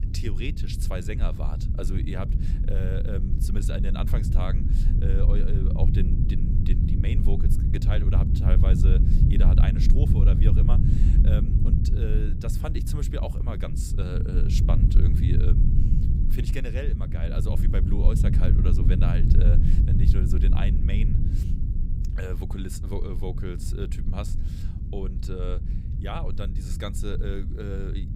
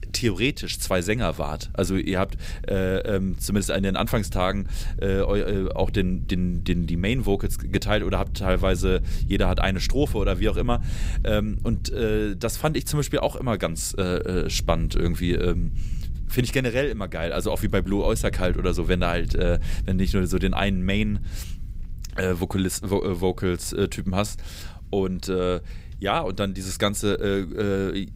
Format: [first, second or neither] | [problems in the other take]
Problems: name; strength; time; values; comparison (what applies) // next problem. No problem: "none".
second | low rumble; loud; throughout; 1 dB below the speech; faint in the second